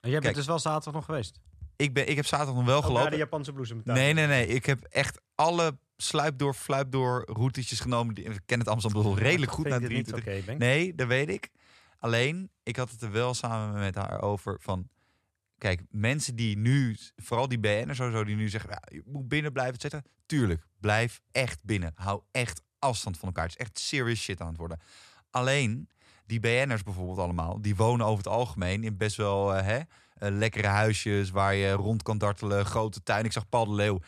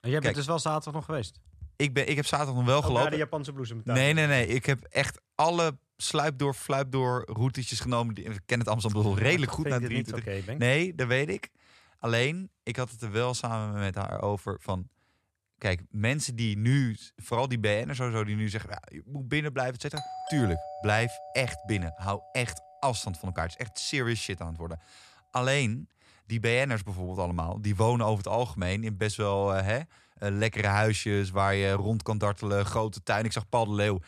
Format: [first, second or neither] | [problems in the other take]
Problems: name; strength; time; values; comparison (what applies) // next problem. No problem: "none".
first | doorbell; noticeable; from 20 to 22 s; peak 9 dB below the speech